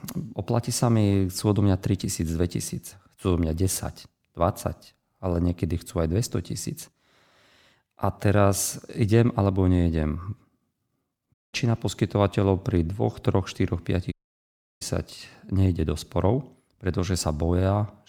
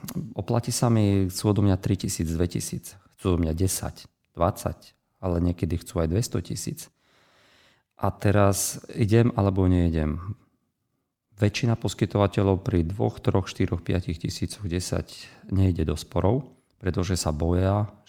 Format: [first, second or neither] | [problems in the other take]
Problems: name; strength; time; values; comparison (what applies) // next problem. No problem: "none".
second | audio cutting out; at 11 s and at 14 s for 0.5 s